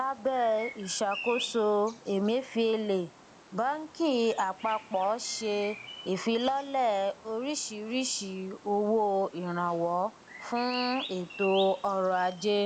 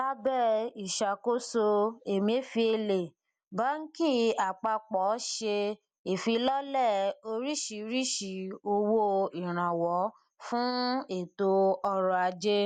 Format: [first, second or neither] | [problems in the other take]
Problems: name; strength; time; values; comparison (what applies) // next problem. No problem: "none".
second | background sound (Bird vocalization, bird call, bird song); 15 dB below the speech